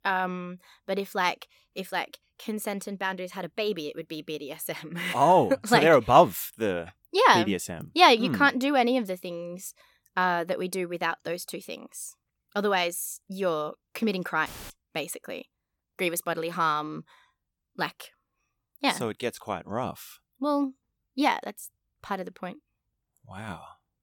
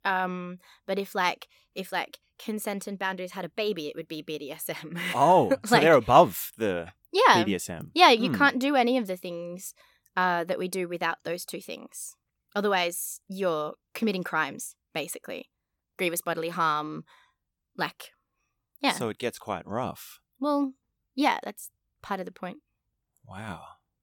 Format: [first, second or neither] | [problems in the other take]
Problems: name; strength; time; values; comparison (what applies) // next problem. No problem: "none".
second | audio cutting out; filled with static; at 14 s